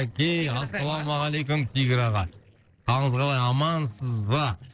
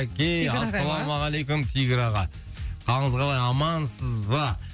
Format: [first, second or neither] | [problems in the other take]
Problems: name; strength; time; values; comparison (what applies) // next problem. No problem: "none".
second | noise reduction (neural separator model SepFormer DNS4)